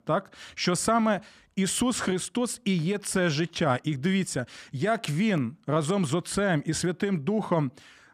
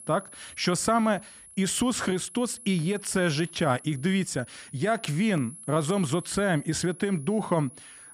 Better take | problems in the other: first | high-pitched whine; noticeable; throughout; 10.5 kHz, 15 dB below the speech

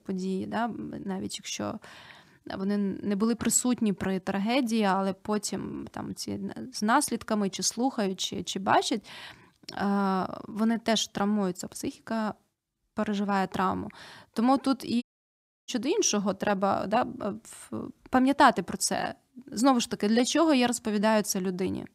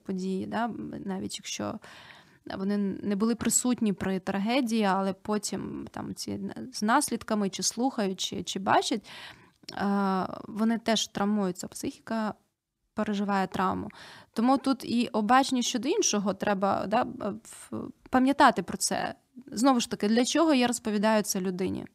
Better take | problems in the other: second | audio cutting out; at 15 s for 0.5 s

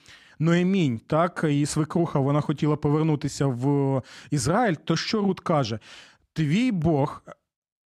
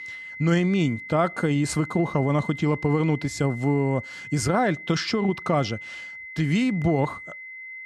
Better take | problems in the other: first | high-pitched whine; noticeable; throughout; 2 kHz, 15 dB below the speech

